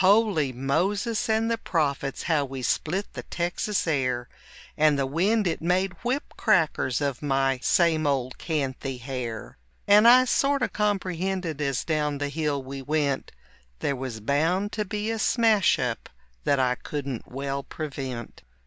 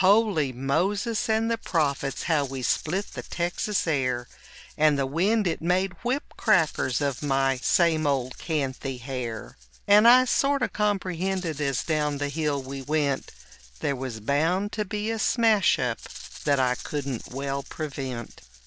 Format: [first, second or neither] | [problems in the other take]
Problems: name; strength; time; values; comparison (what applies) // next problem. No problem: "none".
first | background sound (Rattle (instrument)); 19 dB below the speech